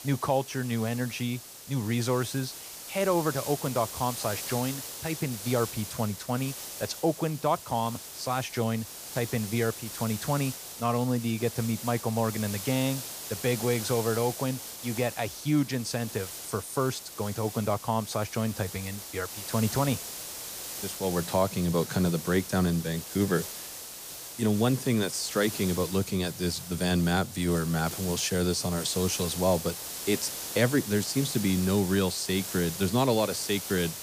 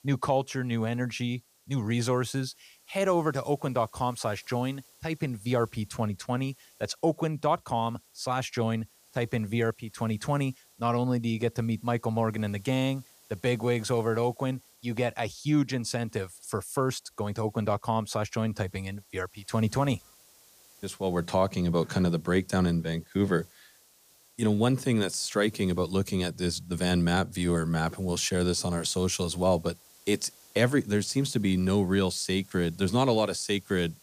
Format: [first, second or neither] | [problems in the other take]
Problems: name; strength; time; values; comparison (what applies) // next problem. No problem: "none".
second | hiss; loud; throughout; 8 dB below the speech; faint in the second